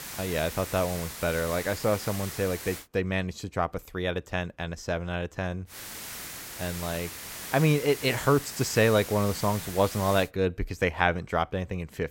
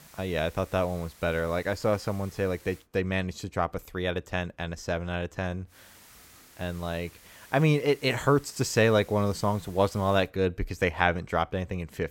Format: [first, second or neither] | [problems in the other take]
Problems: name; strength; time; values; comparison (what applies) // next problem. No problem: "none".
second | hiss; loud; until 3 s and from 5.5 to 10 s; 9 dB below the speech; faint in the second